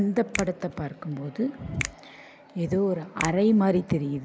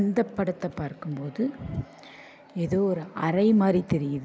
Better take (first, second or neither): second